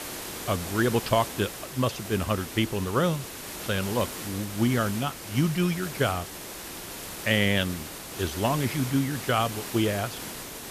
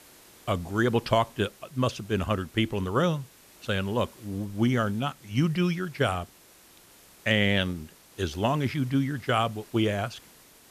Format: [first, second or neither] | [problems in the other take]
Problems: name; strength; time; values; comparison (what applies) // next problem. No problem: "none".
second | hiss; loud; throughout; 9 dB below the speech; faint in the second